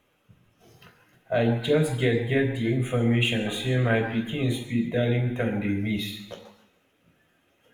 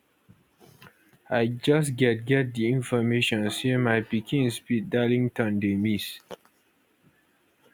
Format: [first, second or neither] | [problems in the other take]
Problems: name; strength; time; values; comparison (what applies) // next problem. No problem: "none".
second | room echo; dies away in 1 s